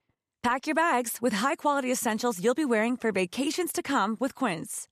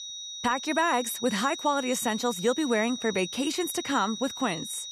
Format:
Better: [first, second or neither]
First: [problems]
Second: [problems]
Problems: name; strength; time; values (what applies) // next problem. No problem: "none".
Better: first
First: none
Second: high-pitched whine; loud; throughout; 4 kHz, 8 dB below the speech